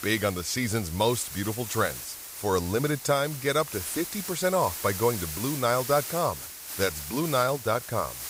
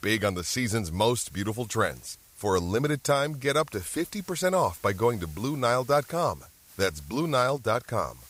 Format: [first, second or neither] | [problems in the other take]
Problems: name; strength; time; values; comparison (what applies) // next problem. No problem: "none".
second | hiss; loud; throughout; 8 dB below the speech; faint in the second